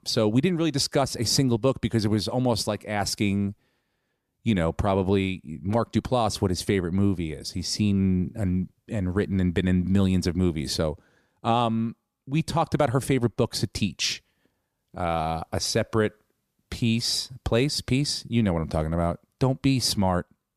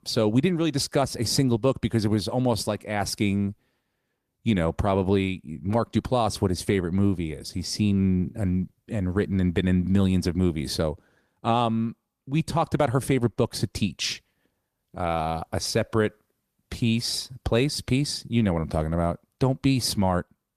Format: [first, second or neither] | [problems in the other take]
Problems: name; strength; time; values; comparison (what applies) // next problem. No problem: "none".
first | garbled, watery; slightly; nothing above 14.5 kHz